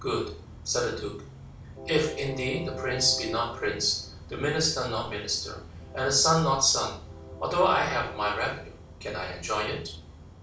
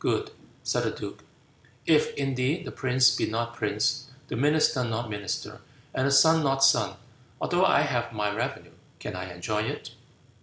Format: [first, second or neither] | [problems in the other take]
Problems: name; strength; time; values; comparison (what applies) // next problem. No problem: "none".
second | background sound (Train); 14 dB below the speech // room echo; dies away in 0.3 s